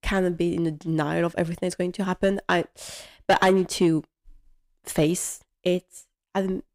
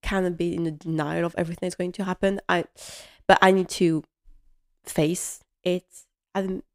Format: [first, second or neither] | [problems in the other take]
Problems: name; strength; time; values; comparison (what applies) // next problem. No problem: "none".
second | distortion; slight; 10 dB below the speech